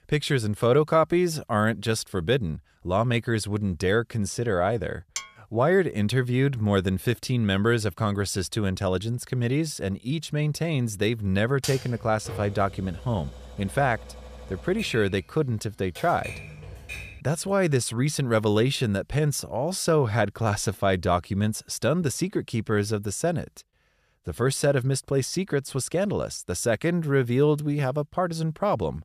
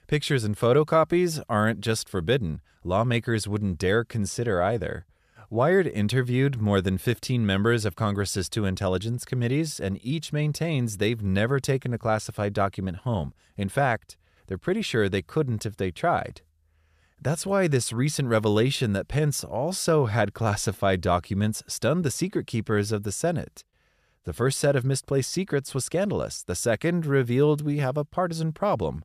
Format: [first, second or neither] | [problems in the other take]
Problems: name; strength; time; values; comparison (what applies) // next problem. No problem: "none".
second | clattering dishes; noticeable; at 5 s; peak 10 dB below the speech // keyboard typing; noticeable; from 12 to 17 s; peak 9 dB below the speech